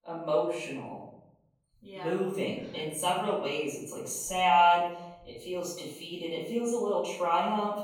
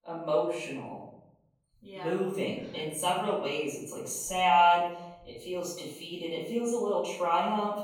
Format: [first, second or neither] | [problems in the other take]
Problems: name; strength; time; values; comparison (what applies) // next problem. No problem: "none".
neither | off-mic speech; far; the same in both // room echo; noticeable; dies away in 0.7 s; the same in both